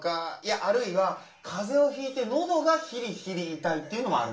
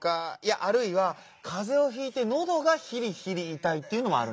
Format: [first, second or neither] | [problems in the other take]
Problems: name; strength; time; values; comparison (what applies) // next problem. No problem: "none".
second | room echo; dies away in 0.3 s